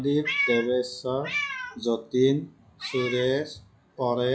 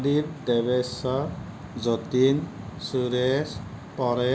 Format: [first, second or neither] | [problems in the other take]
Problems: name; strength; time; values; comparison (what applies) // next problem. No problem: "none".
second | noise reduction (classical method log-MMSE)